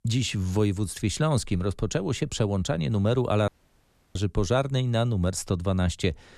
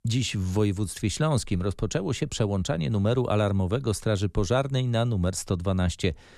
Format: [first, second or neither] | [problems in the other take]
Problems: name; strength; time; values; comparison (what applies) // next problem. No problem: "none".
second | audio cutting out; at 3.5 s for 0.5 s